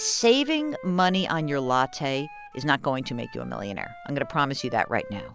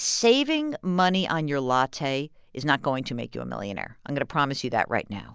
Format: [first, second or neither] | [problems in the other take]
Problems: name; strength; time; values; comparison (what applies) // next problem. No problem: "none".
second | background sound (Wind instrument, woodwind instrument); 19 dB below the speech